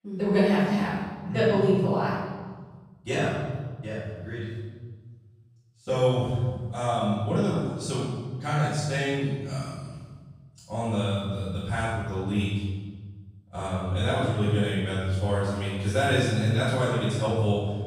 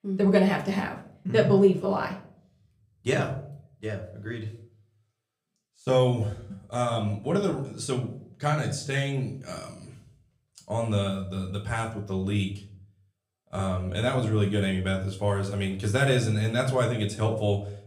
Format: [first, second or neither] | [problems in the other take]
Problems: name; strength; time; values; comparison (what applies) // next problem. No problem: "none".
second | room echo; strong; dies away in 1.4 s; slight in the second // off-mic speech; far; somewhat distant in the second